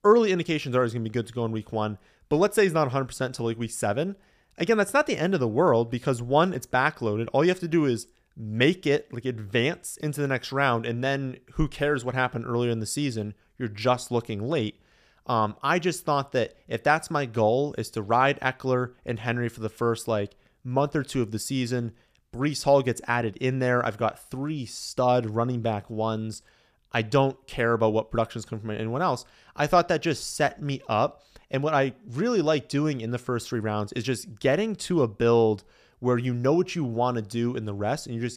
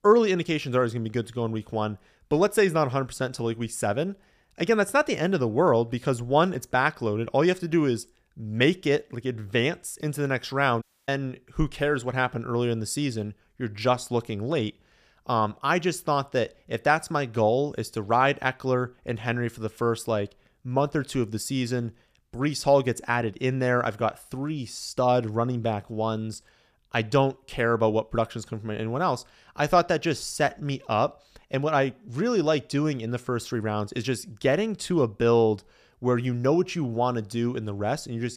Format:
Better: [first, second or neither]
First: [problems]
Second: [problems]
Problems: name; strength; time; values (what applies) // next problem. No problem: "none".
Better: first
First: none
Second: audio cutting out; at 11 s